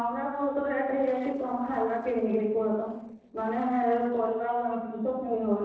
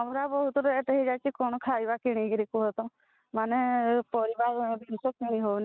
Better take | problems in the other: second | noise reduction (neural separator model SepFormer DNS4)

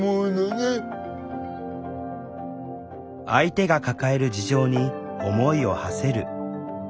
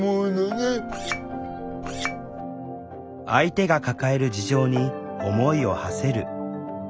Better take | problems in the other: first | background sound (Chink, clink); 11 dB below the speech

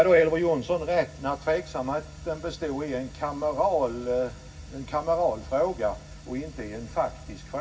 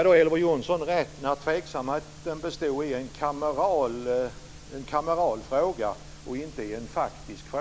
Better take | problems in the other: second | room echo; dies away in 0.4 s

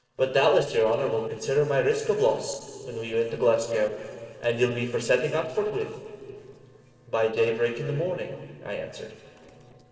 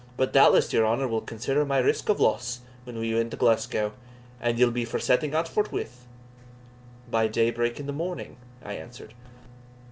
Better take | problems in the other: second | noise reduction (neural separator model SepFormer DNS4)

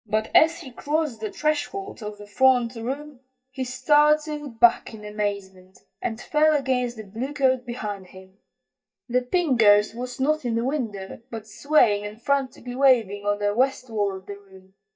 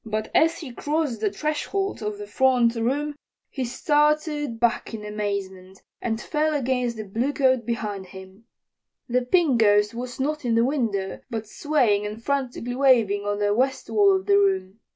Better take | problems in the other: second | noise reduction (neural mask model DeepFilterNet 3)

